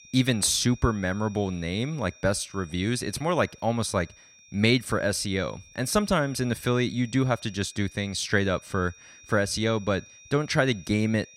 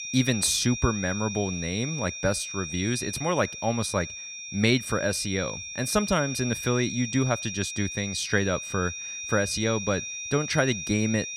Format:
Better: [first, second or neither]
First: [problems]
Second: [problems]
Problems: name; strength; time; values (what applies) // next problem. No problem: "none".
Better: first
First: high-pitched whine; faint; throughout; 5.5 kHz, 25 dB below the speech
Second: high-pitched whine; loud; throughout; 5.5 kHz, 6 dB below the speech